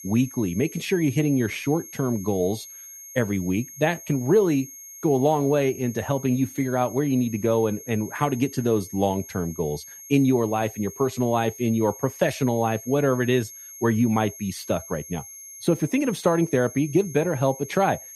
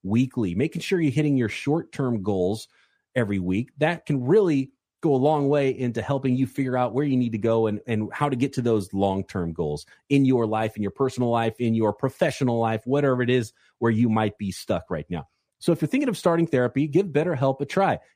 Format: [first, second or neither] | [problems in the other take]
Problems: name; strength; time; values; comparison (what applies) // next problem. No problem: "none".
second | high-pitched whine; noticeable; throughout; 6.5 kHz, 15 dB below the speech